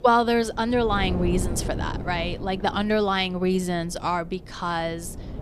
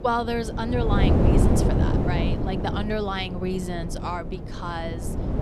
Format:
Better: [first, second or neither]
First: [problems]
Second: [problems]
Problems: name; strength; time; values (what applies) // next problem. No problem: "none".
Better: first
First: wind noise on the microphone; occasional gusts; 15 dB below the speech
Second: wind noise on the microphone; heavy; 1 dB below the speech